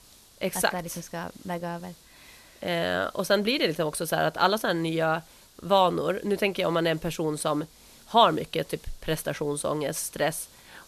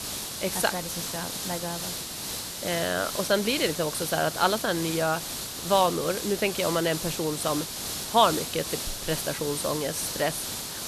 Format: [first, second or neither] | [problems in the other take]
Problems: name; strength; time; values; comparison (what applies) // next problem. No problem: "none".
first | hiss; loud; throughout; 4 dB below the speech; faint in the first